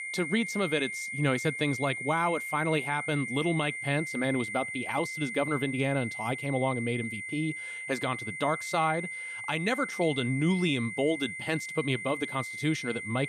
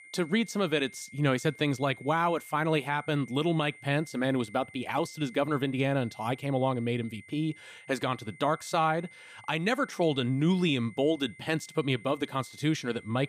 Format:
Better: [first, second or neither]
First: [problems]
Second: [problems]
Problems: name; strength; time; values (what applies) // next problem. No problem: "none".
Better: second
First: high-pitched whine; loud; throughout; 2 kHz, 5 dB below the speech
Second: high-pitched whine; faint; throughout; 2 kHz, 20 dB below the speech